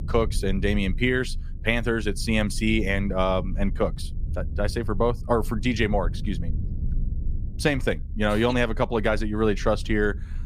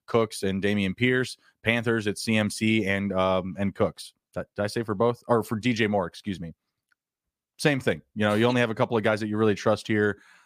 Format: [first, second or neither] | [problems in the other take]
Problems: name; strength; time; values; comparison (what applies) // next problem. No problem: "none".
second | low rumble; faint; throughout; 20 dB below the speech